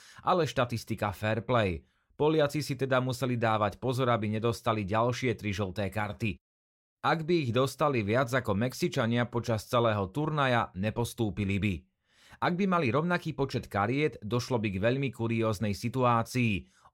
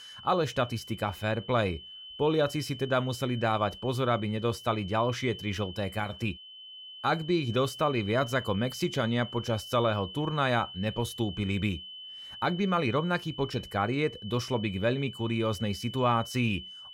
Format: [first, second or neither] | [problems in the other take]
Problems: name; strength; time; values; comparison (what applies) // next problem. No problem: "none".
first | high-pitched whine; noticeable; throughout; 3 kHz, 15 dB below the speech